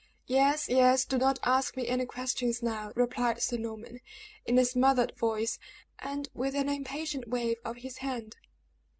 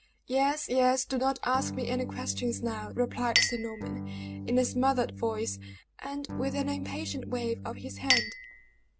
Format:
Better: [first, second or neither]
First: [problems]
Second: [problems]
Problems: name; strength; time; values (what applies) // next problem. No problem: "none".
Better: first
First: none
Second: background sound (Electric guitar / Strum + Chink, clink); 5 dB below the speech